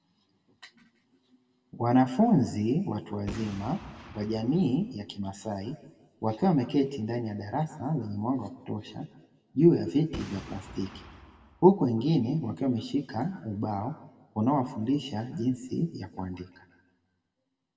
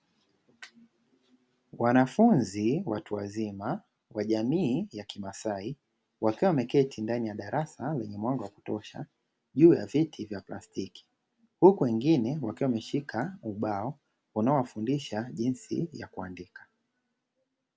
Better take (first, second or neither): second